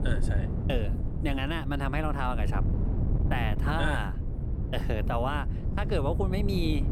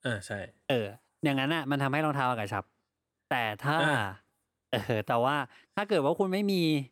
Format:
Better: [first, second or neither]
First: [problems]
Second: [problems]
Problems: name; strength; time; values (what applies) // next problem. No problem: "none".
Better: second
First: wind noise on the microphone; heavy; 9 dB below the speech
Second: none